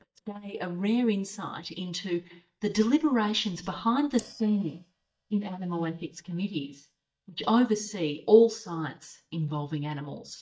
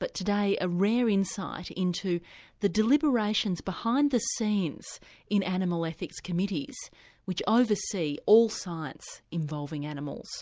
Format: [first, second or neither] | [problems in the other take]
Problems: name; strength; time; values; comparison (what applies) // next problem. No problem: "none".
second | noise reduction (neural mask model DeepFilterNet 3)